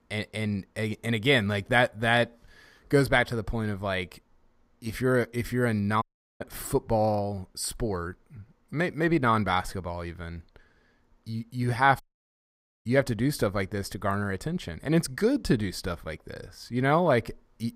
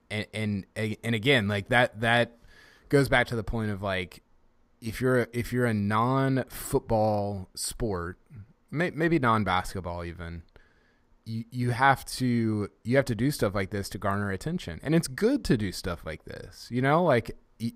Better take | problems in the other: second | audio cutting out; at 6 s and at 12 s for 1 s

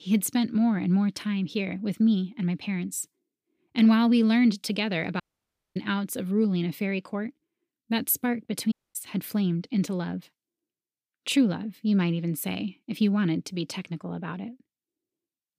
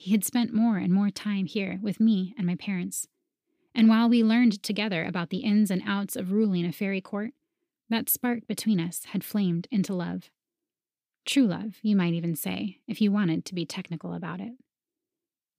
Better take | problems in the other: second | audio cutting out; at 5 s for 0.5 s and at 8.5 s

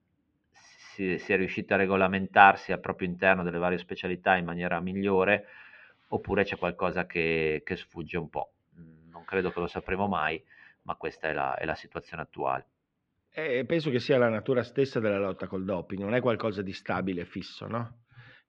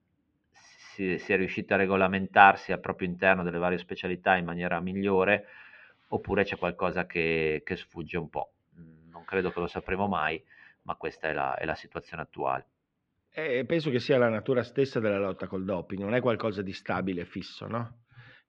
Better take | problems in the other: neither | muffled; very; fading above 3 kHz; the same in both

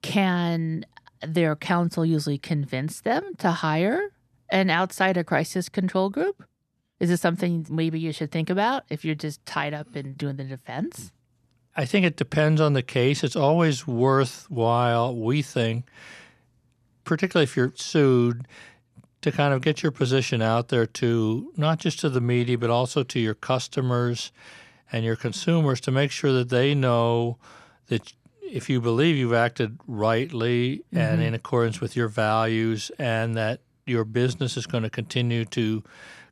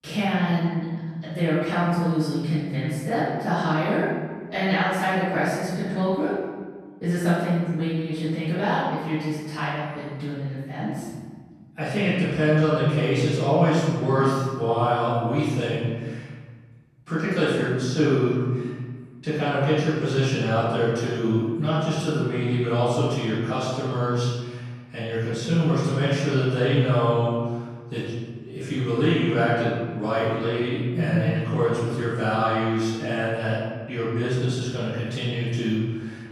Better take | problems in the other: first | off-mic speech; far // room echo; strong; dies away in 1.5 s

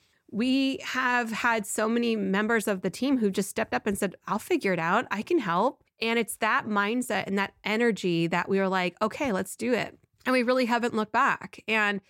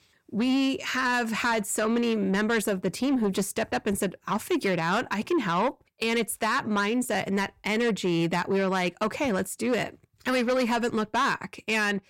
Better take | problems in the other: first | distortion; slight; 10 dB below the speech

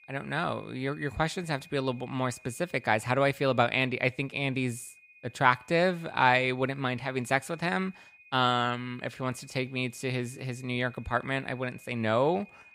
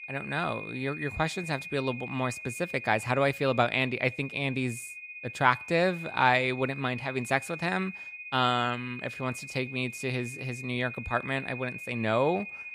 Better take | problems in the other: first | high-pitched whine; loud; throughout; 2.5 kHz, 10 dB below the speech; faint in the first

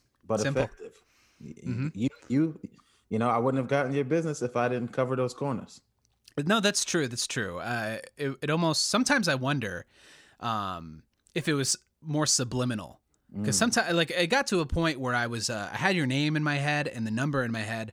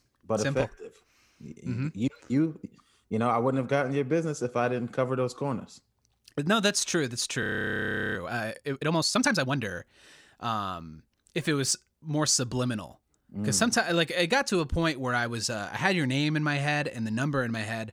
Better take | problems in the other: first | audio freezing; at 7.5 s for 0.5 s

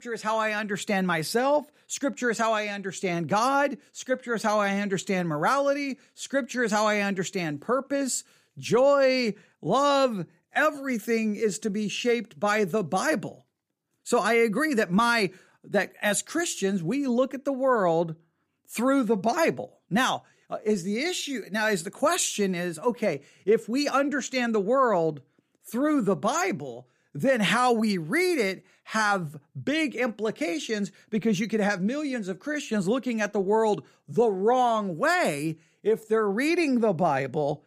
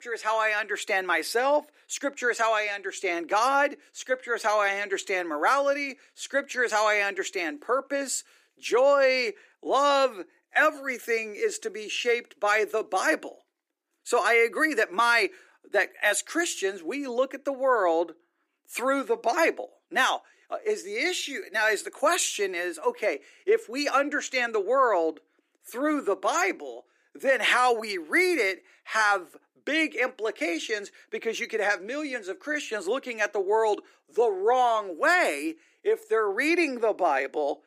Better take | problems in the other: first | thin; somewhat; fading below 300 Hz

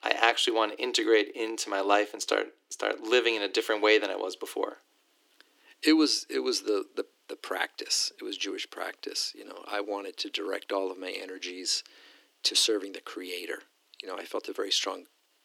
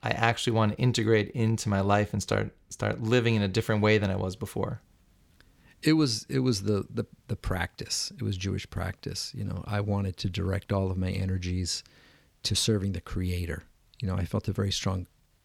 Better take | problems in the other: second | thin; very; fading below 300 Hz

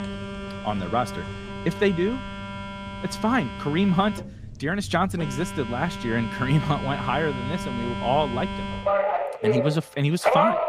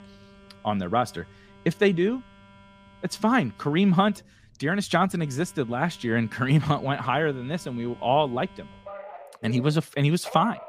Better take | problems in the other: second | alarms or sirens; loud; throughout; 4 dB below the speech; faint in the second

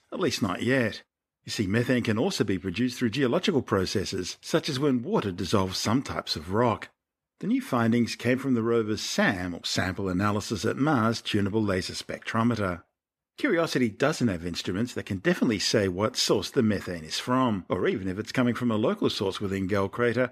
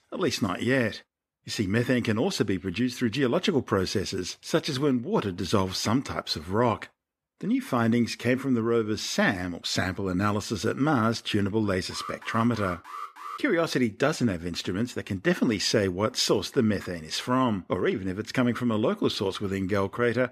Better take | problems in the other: first | alarm; faint; from 12 to 13 s; peak 10 dB below the speech

